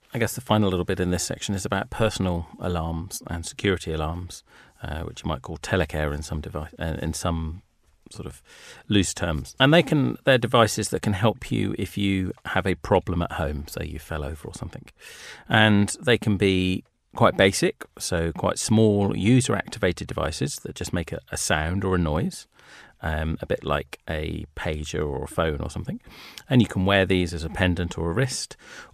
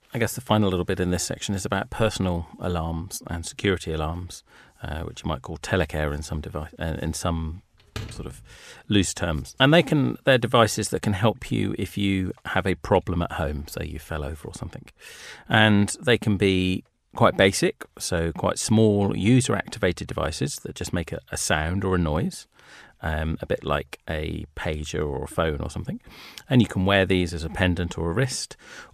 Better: first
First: none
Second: door banging; faint; at 8 s; peak 10 dB below the speech

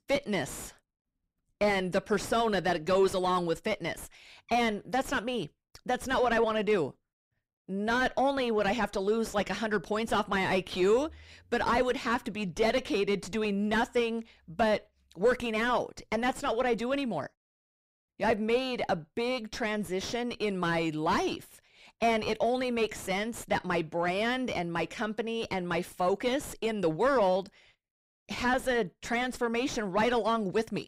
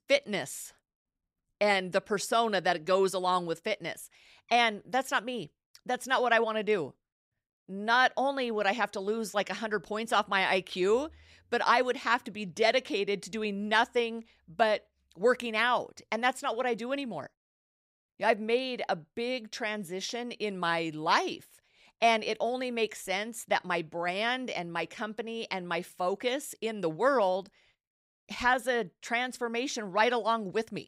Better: second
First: distortion; heavy; 5 dB below the speech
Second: none

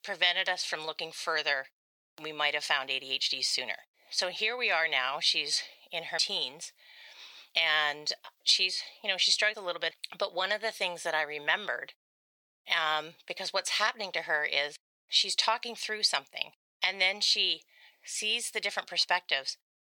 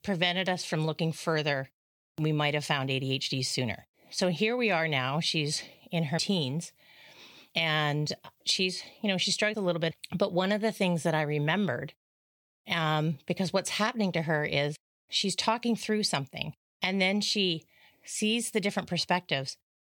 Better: second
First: thin; very; fading below 700 Hz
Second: none

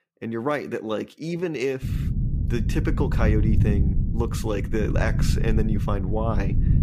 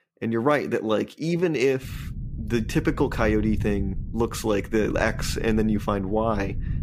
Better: second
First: low rumble; loud; from 2 s on; 8 dB below the speech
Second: low rumble; faint; from 2 s on; 20 dB below the speech

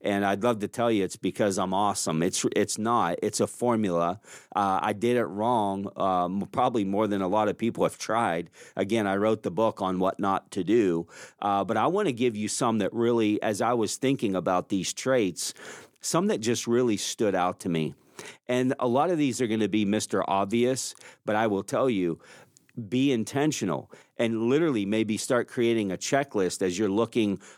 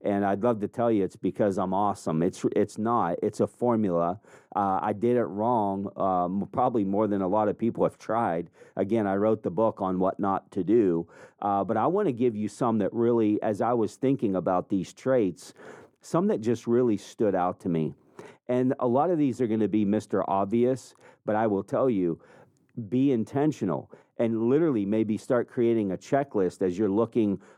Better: first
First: none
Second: muffled; very; fading above 2 kHz

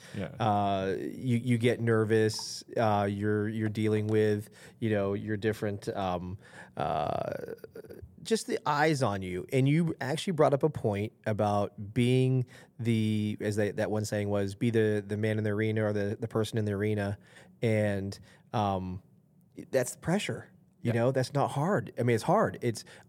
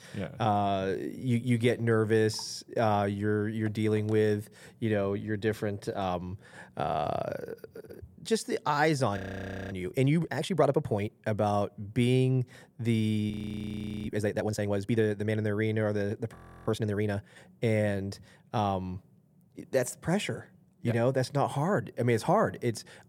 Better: first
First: none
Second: audio freezing; at 9 s for 0.5 s, at 13 s for 1 s and at 16 s

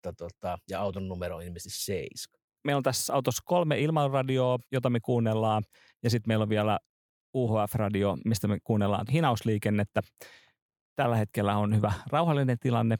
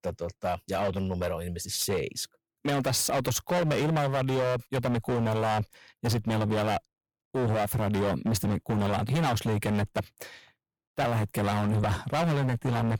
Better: first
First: none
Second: distortion; heavy; 21% of the sound clipped

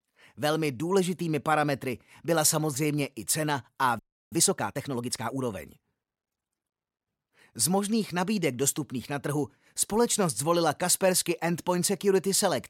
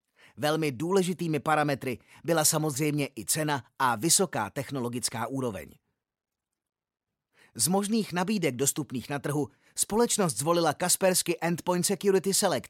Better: second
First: audio freezing; at 4 s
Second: none

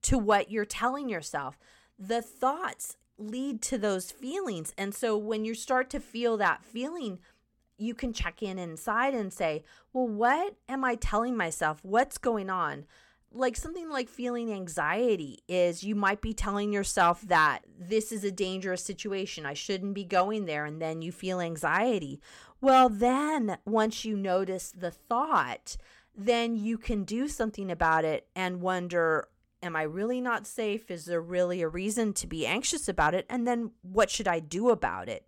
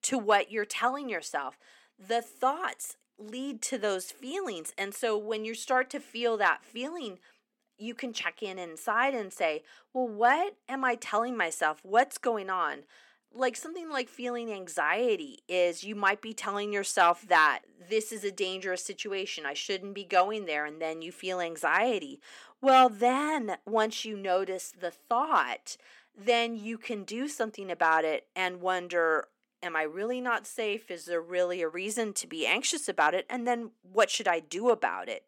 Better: first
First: none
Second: thin; very slightly; fading below 250 Hz

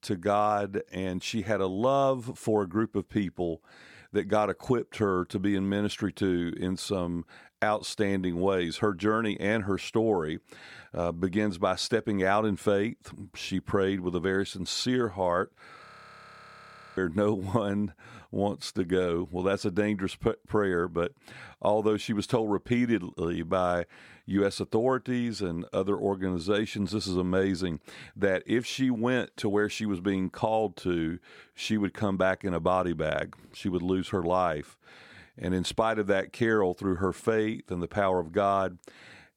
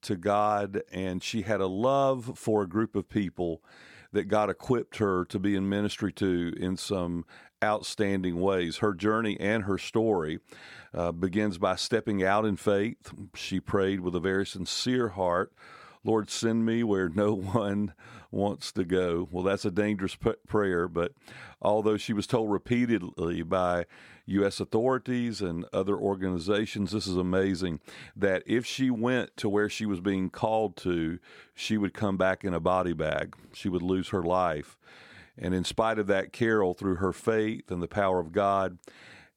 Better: second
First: audio freezing; at 16 s for 1 s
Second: none

